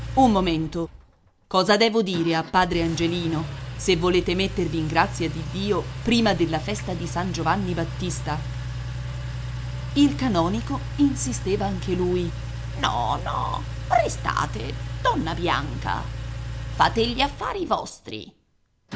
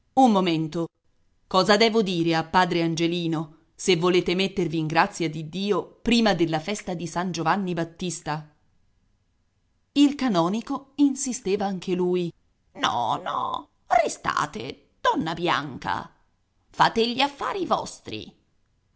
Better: second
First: background sound (Engine); 7 dB below the speech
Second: none

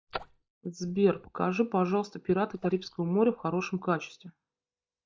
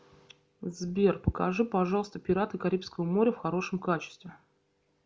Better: second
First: noise reduction (neural mask model DeepFilterNet 3)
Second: none

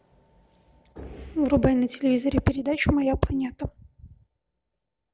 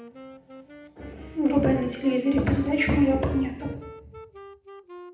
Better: first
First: none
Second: background sound (Wind instrument, woodwind instrument); 18 dB below the speech // room echo; dies away in 0.8 s

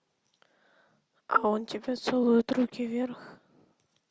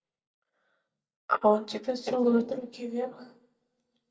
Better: first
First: none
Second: noise reduction (neural mask model DeepFilterNet 3)

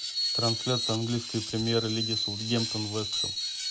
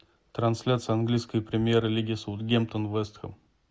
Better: second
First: background sound (Screech); 1 dB below the speech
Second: none

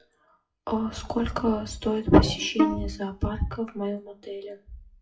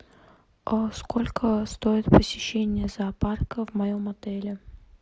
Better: second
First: noise reduction (classical method WPE with log-MMSE)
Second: none

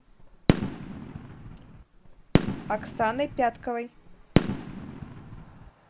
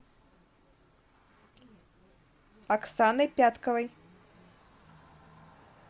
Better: second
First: background sound (Fireworks); 5 dB above the speech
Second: none

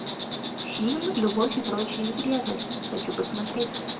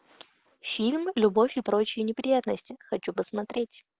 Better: second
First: background sound (Insect); 4 dB below the speech // room echo; dies away in 1 s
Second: none

